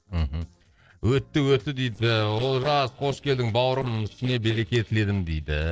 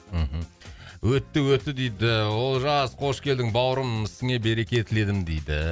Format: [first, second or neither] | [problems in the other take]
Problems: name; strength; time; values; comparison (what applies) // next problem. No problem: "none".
second | noise reduction (neural separator model SepFormer DNS4)